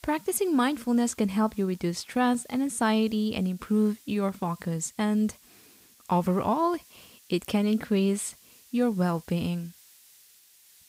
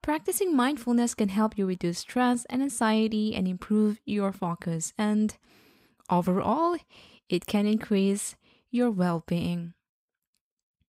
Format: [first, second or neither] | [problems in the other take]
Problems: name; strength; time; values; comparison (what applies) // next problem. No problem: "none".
second | hiss; faint; throughout; 25 dB below the speech